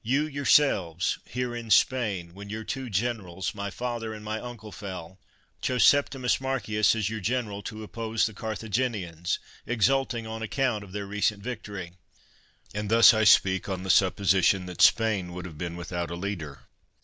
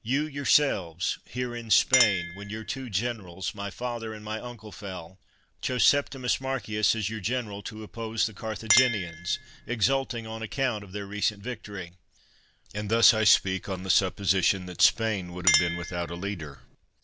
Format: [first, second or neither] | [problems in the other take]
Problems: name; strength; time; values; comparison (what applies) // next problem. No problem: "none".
first | background sound (Chink, clink); 7 dB below the speech